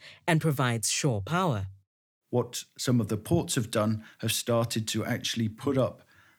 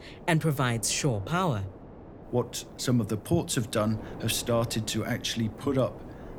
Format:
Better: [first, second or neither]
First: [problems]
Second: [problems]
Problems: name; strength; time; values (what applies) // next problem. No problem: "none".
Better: first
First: none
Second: wind noise on the microphone; occasional gusts; 15 dB below the speech